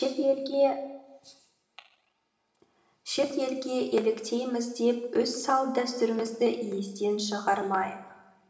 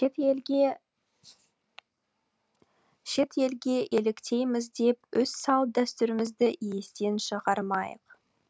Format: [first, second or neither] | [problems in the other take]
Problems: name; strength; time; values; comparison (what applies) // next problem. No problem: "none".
second | room echo; dies away in 1 s